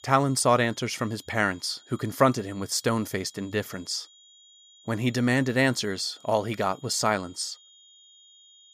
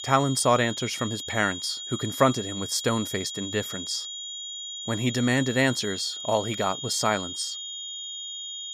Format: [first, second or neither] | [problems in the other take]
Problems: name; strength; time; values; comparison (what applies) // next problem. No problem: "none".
first | high-pitched whine; loud; throughout; 3.5 kHz, 7 dB below the speech; faint in the first